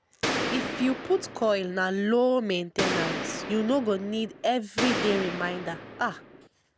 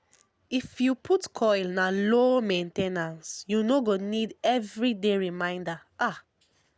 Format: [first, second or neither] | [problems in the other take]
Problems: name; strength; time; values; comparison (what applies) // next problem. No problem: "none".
second | background sound (Gunshot, gunfire); 4 dB below the speech